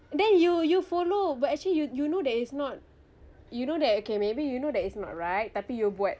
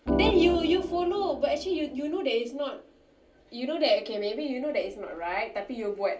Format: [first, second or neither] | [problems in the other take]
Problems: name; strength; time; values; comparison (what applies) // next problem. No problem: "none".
first | background sound (Organ); 3 dB below the speech // room echo; dies away in 0.3 s